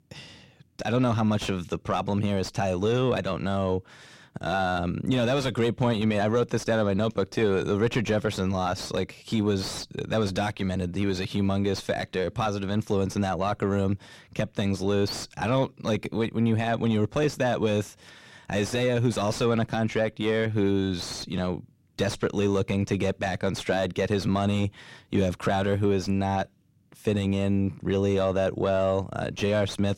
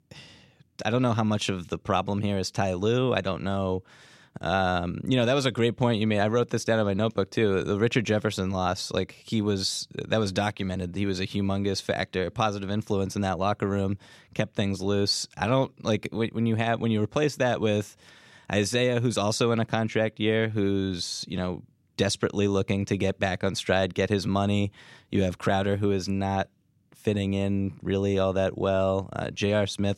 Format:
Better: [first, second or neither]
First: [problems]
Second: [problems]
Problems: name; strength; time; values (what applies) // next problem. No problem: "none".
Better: second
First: distortion; slight; 10 dB below the speech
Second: none